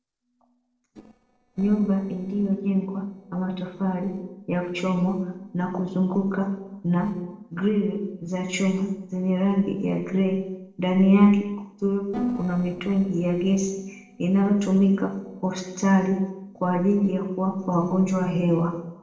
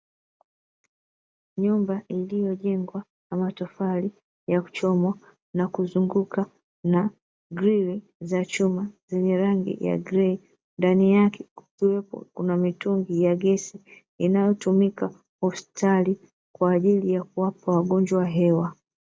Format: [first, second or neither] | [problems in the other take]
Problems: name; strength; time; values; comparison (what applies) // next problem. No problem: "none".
second | noise reduction (neural separator model SepFormer DNS4)